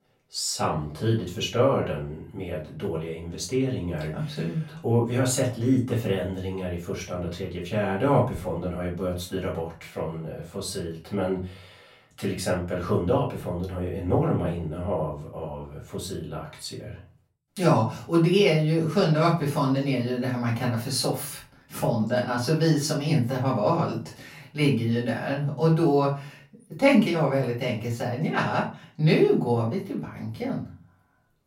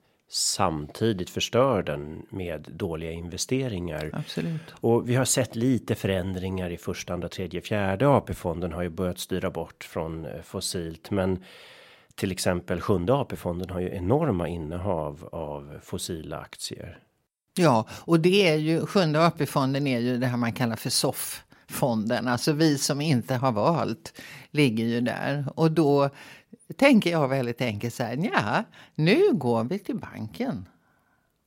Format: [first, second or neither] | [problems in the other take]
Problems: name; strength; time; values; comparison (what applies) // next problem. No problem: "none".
second | off-mic speech; far // room echo; slight; dies away in 0.3 s